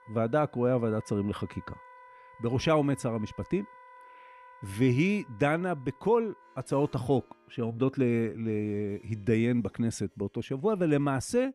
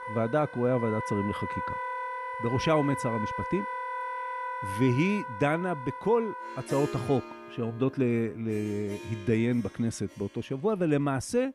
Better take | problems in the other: first | background music; loud; throughout; 7 dB below the speech; faint in the first

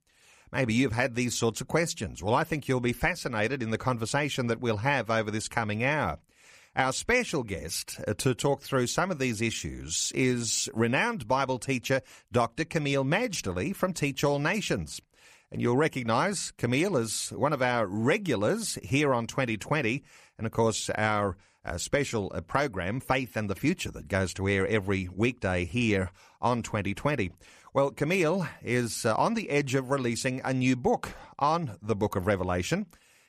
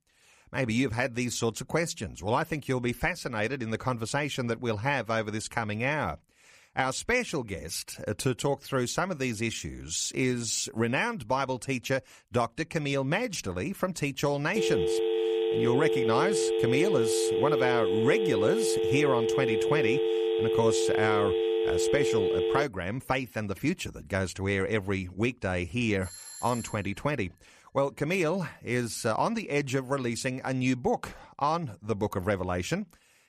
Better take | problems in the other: first | phone ringing; loud; from 15 to 23 s; peak 3 dB above the speech // doorbell; faint; at 26 s; peak 10 dB below the speech

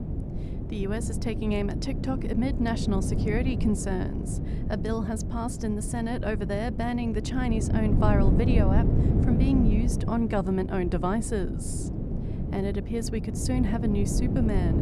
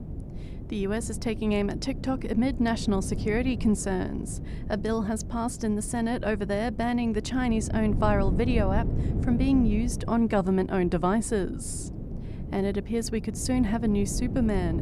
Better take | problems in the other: second | wind noise on the microphone; heavy; 5 dB below the speech; occasional gusts in the second

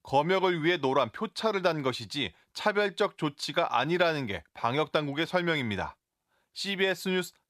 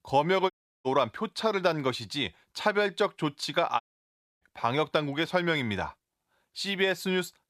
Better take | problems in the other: first | audio cutting out; at 0.5 s and at 4 s for 0.5 s

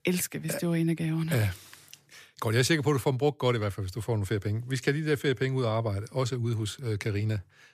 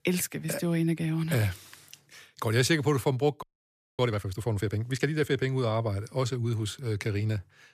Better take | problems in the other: first | audio freezing; at 3.5 s for 0.5 s

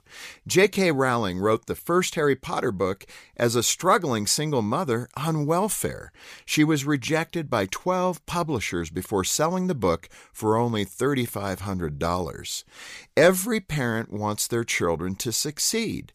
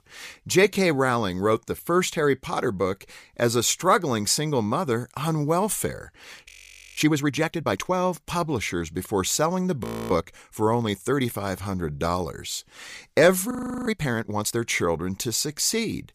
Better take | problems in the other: first | audio freezing; at 6.5 s, at 10 s and at 14 s

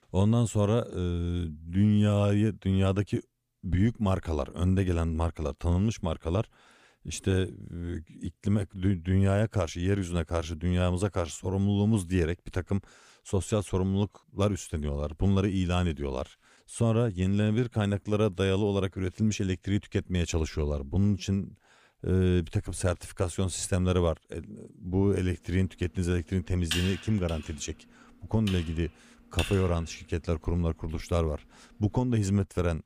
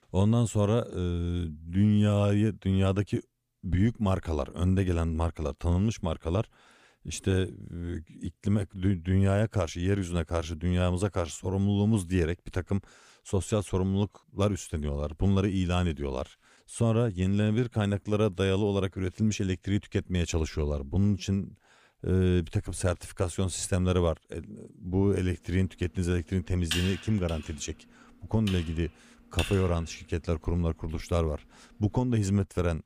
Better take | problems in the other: neither | keyboard typing; noticeable; from 27 to 30 s; peak 3 dB below the speech; the same in both

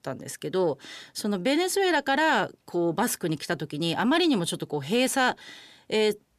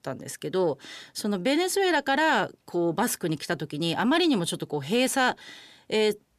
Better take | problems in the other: neither | none

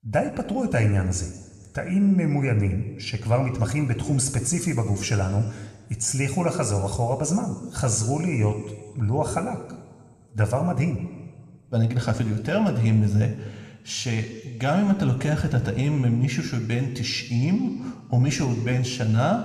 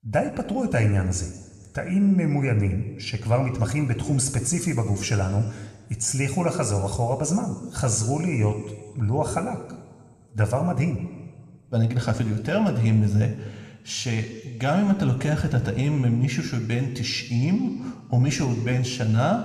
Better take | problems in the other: neither | room echo; slight; dies away in 1.3 s; the same in both

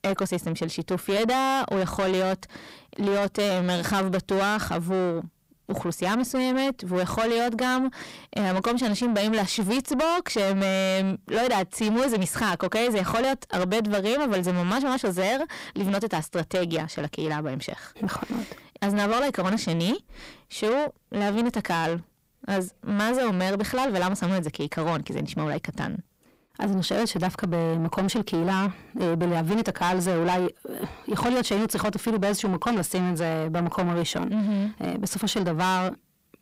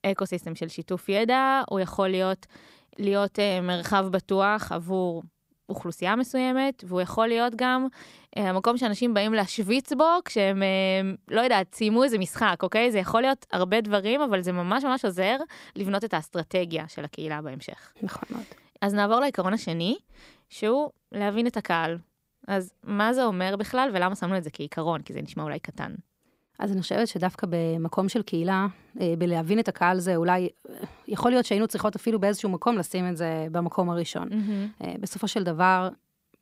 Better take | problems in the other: second | distortion; heavy; 6 dB below the speech

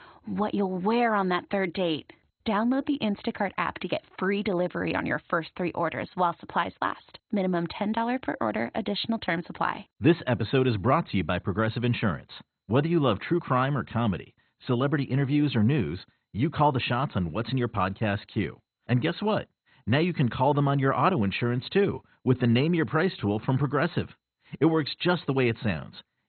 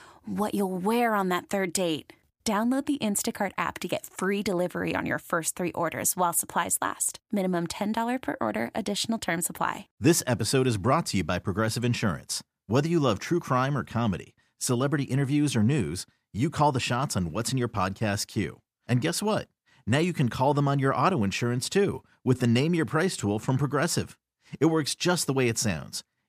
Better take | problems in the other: second | garbled, watery; badly; nothing above 4 kHz

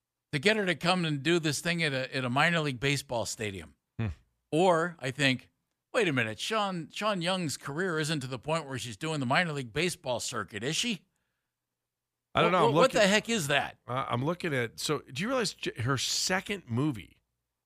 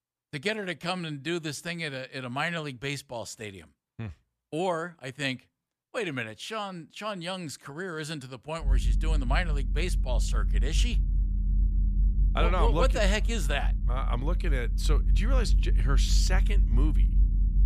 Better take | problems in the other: first | low rumble; noticeable; from 8.5 s on; 15 dB below the speech

